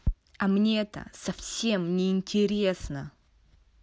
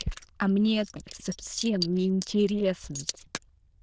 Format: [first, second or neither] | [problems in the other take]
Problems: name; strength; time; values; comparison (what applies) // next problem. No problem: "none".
first | noise reduction (neural diffusion model UNIVERSE++)